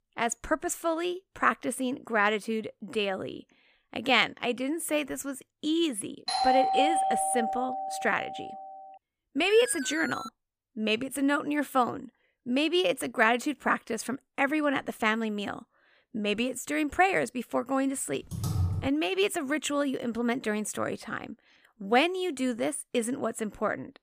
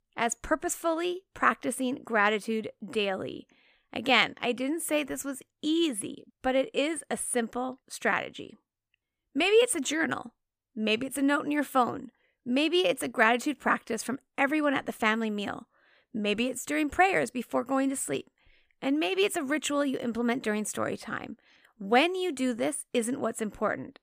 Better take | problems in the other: second | doorbell; loud; from 6.5 to 8.5 s; peak 4 dB above the speech // alarm; noticeable; at 9.5 s; peak 9 dB below the speech // keyboard typing; noticeable; at 18 s; peak 1 dB below the speech

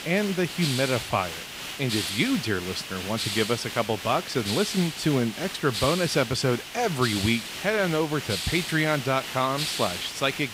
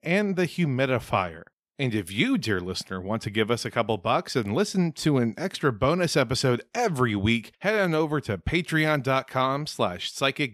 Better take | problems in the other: second | hiss; loud; throughout; 5 dB below the speech

